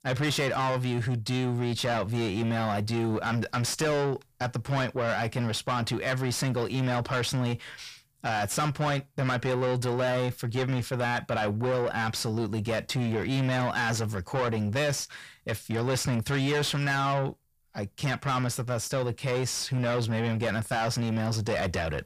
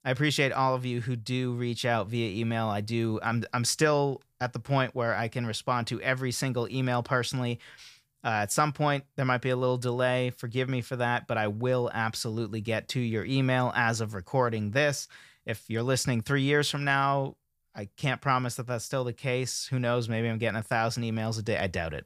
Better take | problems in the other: second | distortion; heavy; 7 dB below the speech

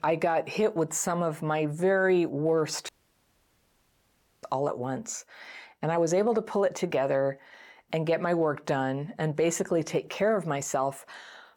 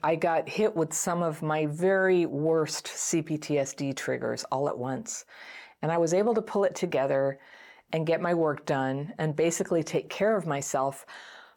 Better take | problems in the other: second | audio cutting out; at 3 s for 1.5 s

